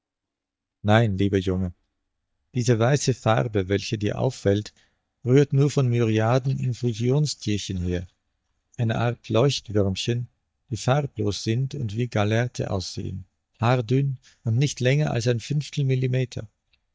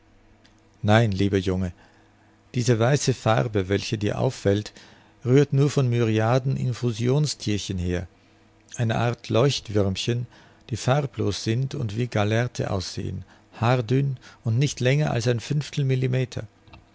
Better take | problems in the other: second | noise reduction (neural mask model DeepFilterNet 3)

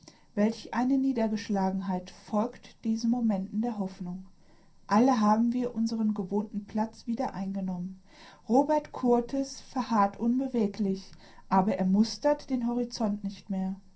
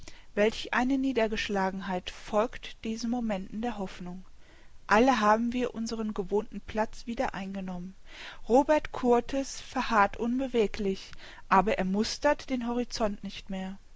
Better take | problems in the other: second | room echo; dies away in 0.3 s

